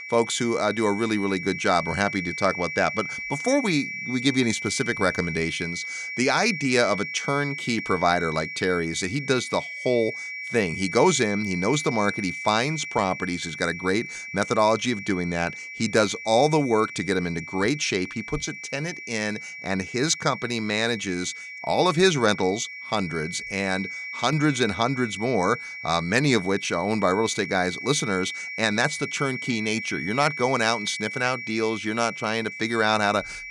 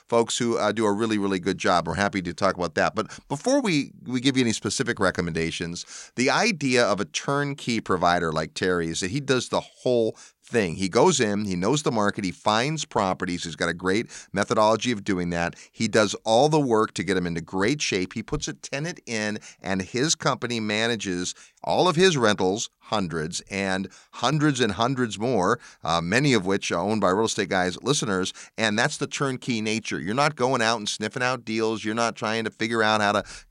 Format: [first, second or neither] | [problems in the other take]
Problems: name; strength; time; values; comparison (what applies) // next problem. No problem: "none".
second | high-pitched whine; loud; throughout; 2.5 kHz, 8 dB below the speech